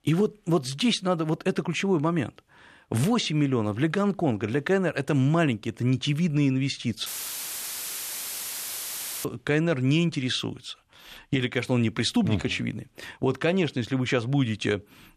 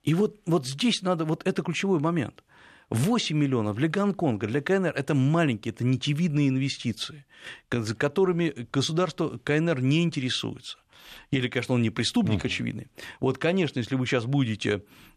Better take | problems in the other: second | audio cutting out; filled with static; at 7 s for 2 s

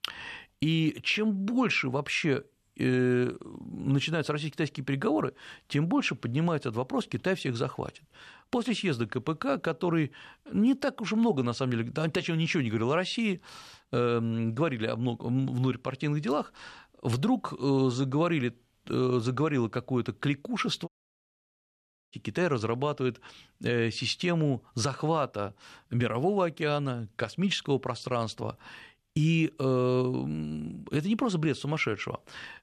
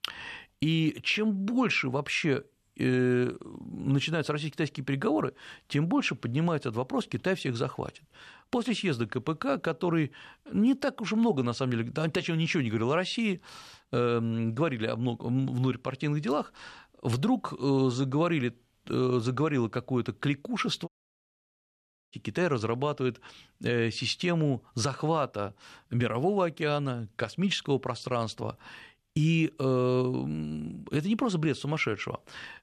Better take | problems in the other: neither | audio cutting out; at 21 s for 1 s; the same in both

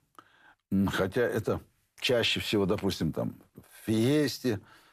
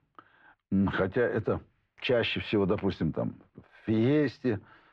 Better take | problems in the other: first | muffled; slightly; fading above 2.5 kHz

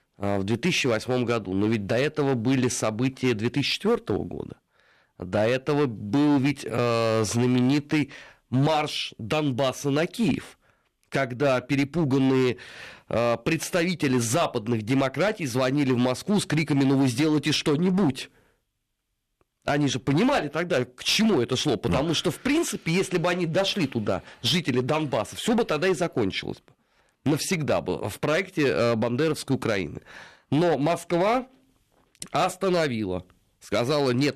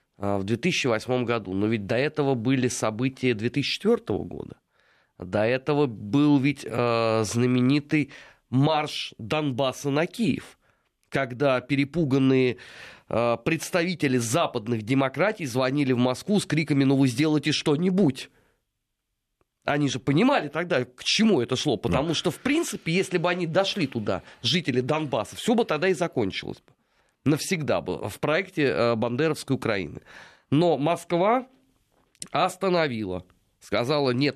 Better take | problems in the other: second | distortion; slight; 9% of the sound clipped

